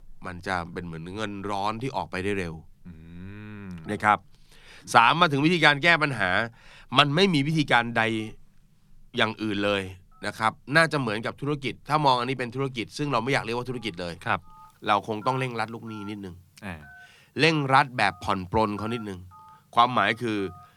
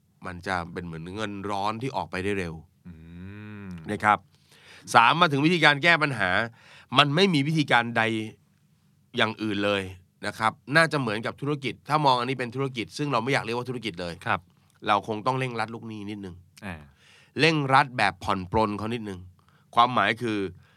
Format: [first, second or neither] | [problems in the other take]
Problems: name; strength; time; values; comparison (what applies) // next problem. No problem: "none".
second | alarms or sirens; faint; throughout; 25 dB below the speech